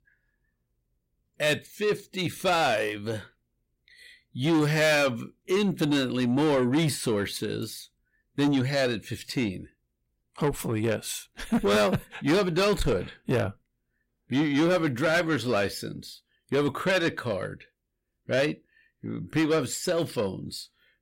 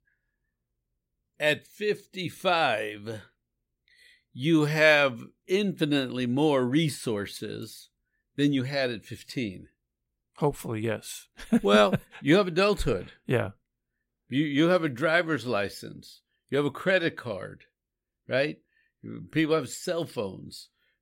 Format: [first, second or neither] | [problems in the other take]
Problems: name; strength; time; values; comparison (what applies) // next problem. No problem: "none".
second | distortion; heavy; 8 dB below the speech